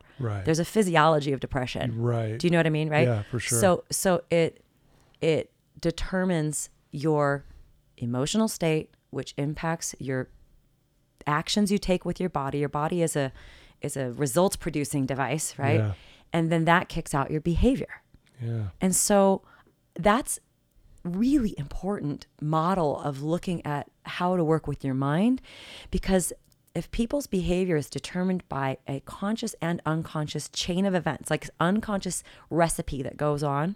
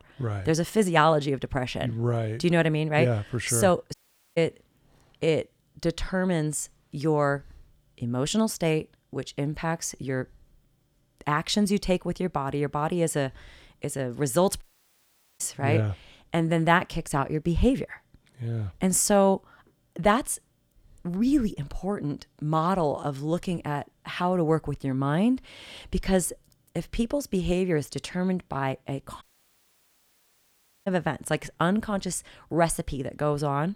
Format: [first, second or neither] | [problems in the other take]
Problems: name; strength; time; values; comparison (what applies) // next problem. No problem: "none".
first | audio cutting out; at 4 s, at 15 s for 1 s and at 29 s for 1.5 s